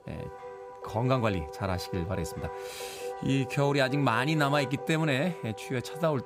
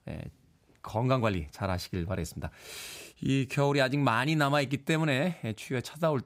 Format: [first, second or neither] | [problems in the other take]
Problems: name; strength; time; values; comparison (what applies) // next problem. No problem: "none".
second | background music; noticeable; throughout; 10 dB below the speech